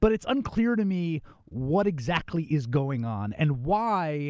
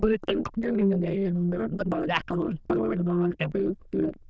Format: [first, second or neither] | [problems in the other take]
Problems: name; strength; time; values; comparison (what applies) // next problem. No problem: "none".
first | noise reduction (neural diffusion model UNIVERSE++)